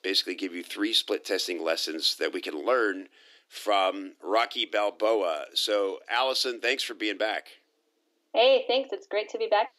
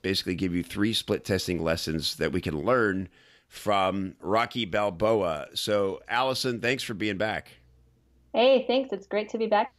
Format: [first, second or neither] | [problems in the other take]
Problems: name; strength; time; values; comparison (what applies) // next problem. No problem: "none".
second | thin; somewhat; fading below 300 Hz